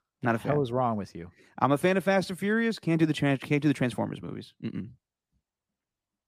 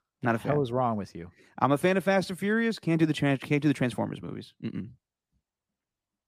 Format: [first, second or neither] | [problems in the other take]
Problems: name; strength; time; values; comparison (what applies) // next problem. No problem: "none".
neither | none